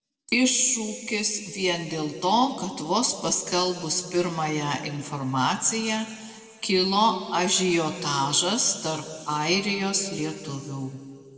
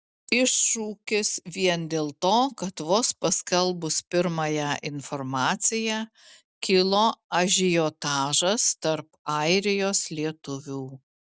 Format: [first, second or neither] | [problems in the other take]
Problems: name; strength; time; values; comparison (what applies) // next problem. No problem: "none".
second | room echo; dies away in 2.1 s